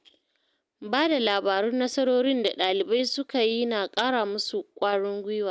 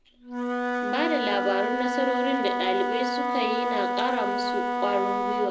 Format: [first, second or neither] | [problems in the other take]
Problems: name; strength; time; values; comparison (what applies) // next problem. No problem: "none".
first | background sound (Wind instrument, woodwind instrument); 2 dB above the speech // room echo; dies away in 0.4 s